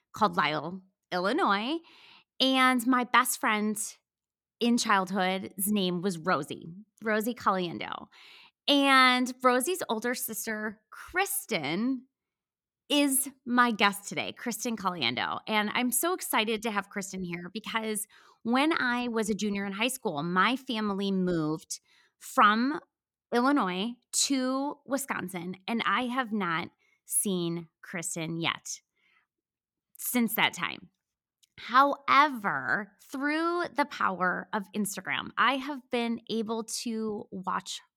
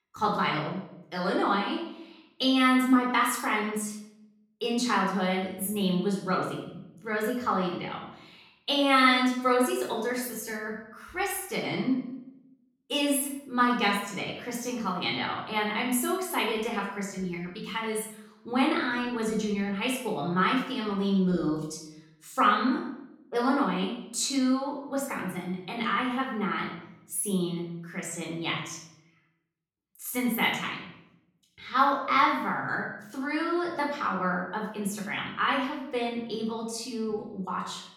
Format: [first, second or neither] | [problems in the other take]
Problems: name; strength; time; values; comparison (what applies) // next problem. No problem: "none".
first | off-mic speech; far // room echo; noticeable; dies away in 0.7 s